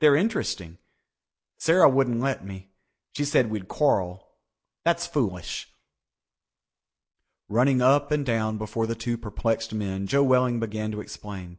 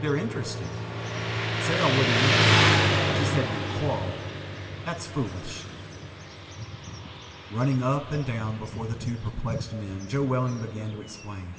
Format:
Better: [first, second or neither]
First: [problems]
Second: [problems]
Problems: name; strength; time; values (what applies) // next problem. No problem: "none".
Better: first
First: none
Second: background sound (Motorcycle); 3 dB above the speech // room echo; dies away in 2.3 s